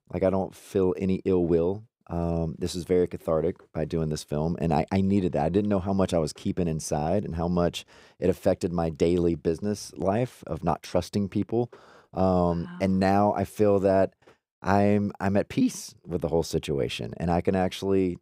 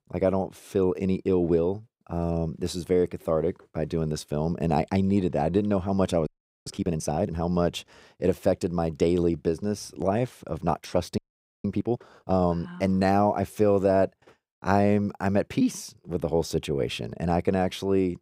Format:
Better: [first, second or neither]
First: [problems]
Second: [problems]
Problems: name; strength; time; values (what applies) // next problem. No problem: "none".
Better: first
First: none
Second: audio freezing; at 6.5 s and at 11 s